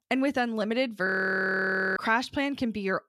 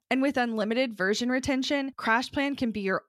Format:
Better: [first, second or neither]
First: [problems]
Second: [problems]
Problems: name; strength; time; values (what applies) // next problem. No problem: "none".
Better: second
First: audio freezing; at 1 s for 1 s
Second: none